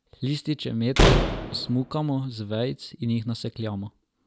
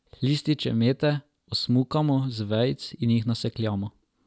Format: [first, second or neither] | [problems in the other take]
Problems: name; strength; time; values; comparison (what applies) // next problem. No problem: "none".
second | background sound (Slam); 5 dB above the speech